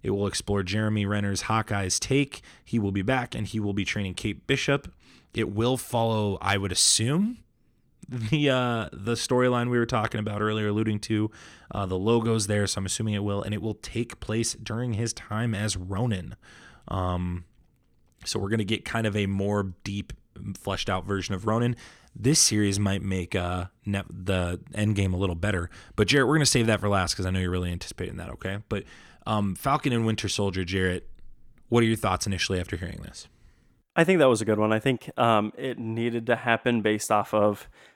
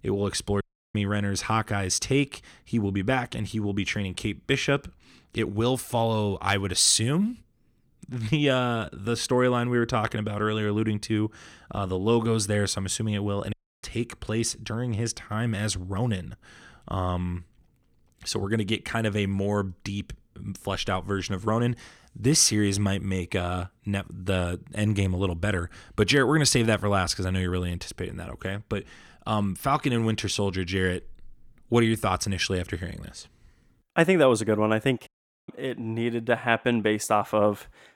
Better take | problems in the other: first | audio cutting out; at 0.5 s, at 14 s and at 35 s

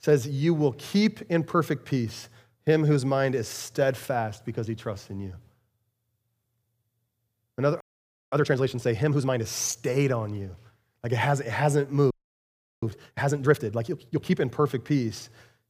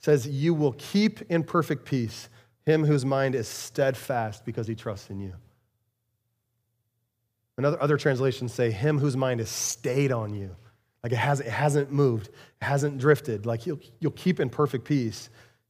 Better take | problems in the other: second | audio freezing; at 8 s for 0.5 s and at 12 s for 0.5 s

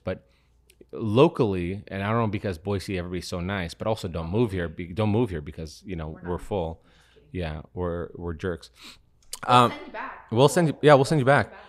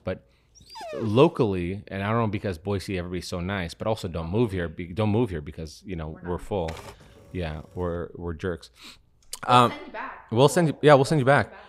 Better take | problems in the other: first | dog barking; faint; at 0.5 s; peak 10 dB below the speech // keyboard typing; faint; from 6.5 to 8 s; peak 15 dB below the speech

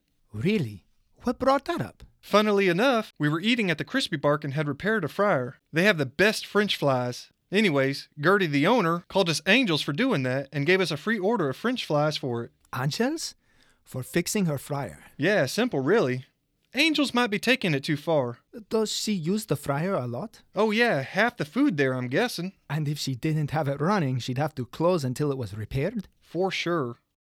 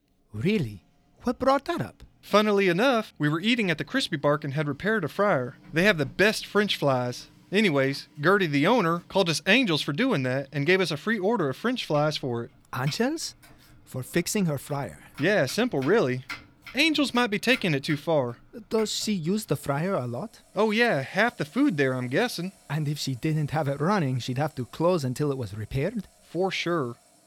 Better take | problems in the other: first | household noises; faint; throughout; 25 dB below the speech

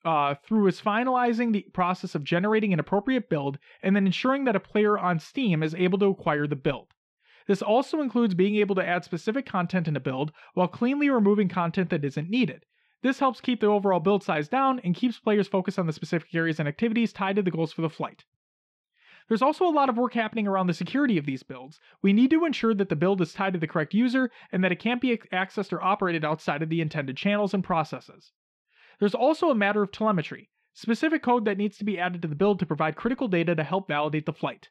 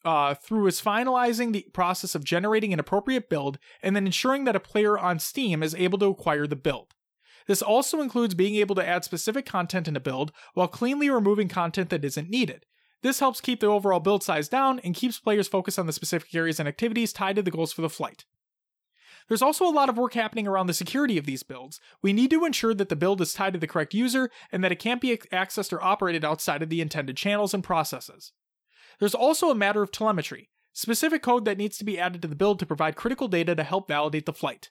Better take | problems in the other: second | muffled; slightly; fading above 2.5 kHz

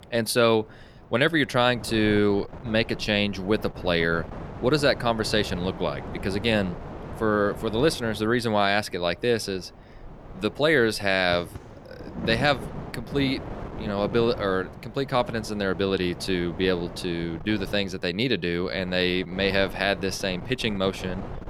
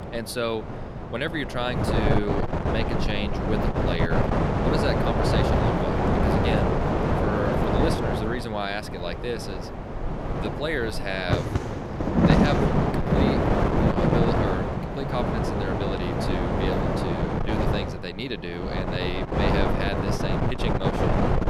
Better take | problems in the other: first | wind noise on the microphone; heavy; 4 dB above the speech; occasional gusts in the first

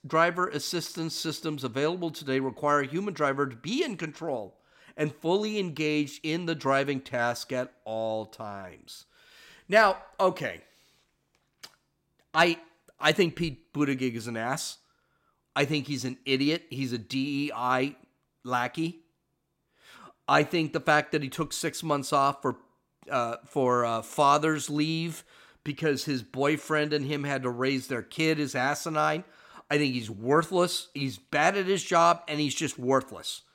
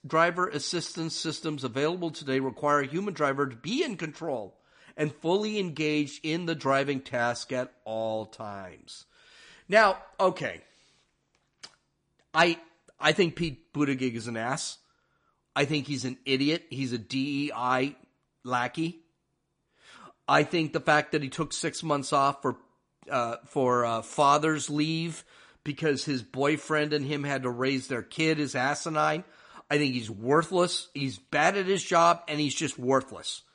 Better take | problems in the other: first | garbled, watery; slightly; nothing above 10 kHz

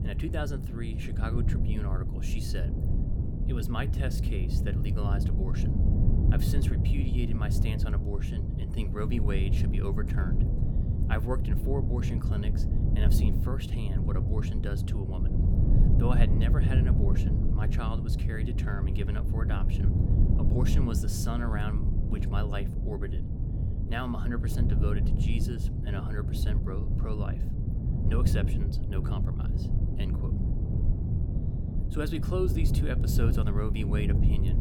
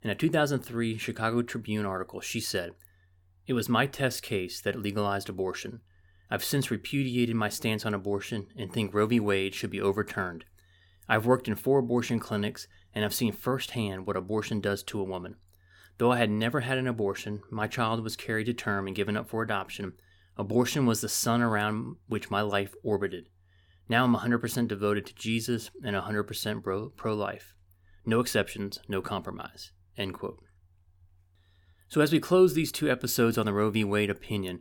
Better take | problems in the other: second | wind noise on the microphone; heavy; 2 dB below the speech

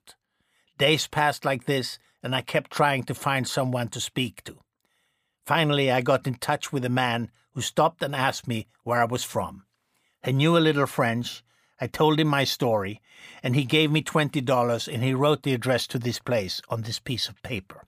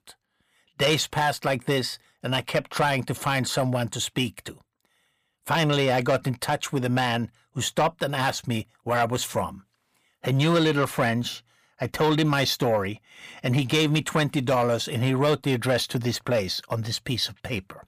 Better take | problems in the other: first | distortion; slight; 10 dB below the speech

